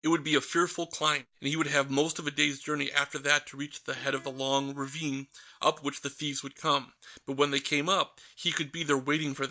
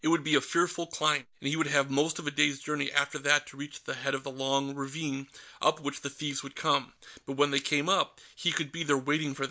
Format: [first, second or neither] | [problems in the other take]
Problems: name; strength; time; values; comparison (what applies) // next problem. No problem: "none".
second | noise reduction (neural mask model DeepFilterNet 3)